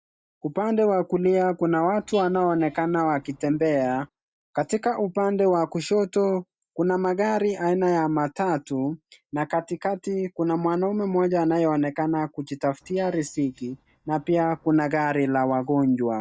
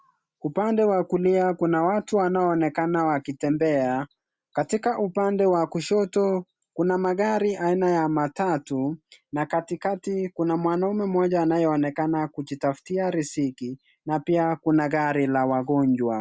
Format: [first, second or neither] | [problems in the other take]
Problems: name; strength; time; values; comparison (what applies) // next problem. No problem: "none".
second | noise reduction (neural mask model DeepFilterNet 3)